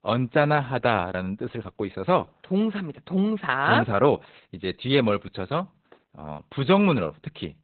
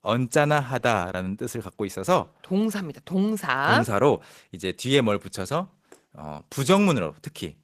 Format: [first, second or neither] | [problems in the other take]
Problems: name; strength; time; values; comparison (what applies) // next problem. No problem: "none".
second | garbled, watery; badly; nothing above 4 kHz; slightly in the second